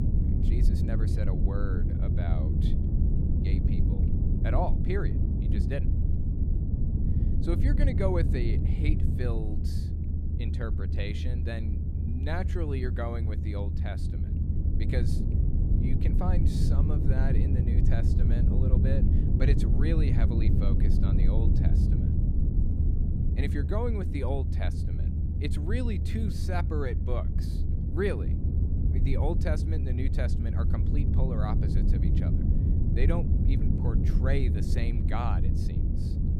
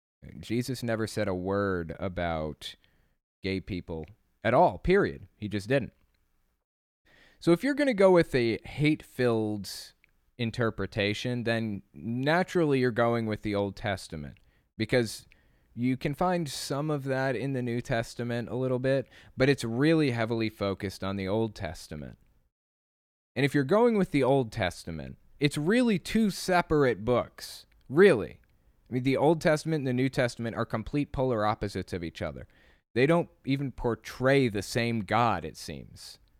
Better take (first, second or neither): second